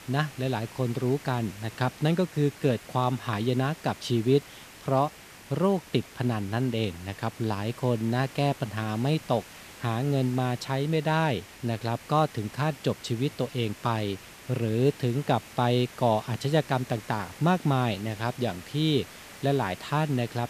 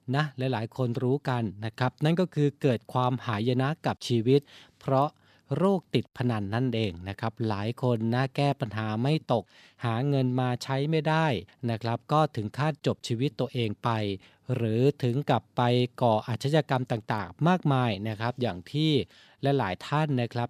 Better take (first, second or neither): second